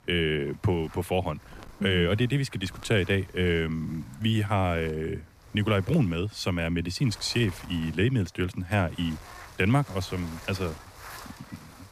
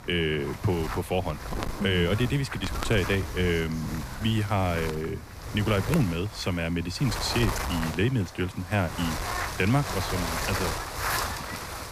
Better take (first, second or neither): first